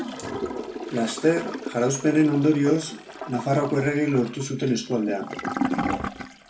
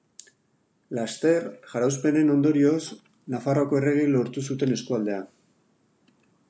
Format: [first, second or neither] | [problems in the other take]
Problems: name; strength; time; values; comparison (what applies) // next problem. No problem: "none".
second | background sound (Toilet flush / Gurgling); 7 dB below the speech // room echo; dies away in 0.2 s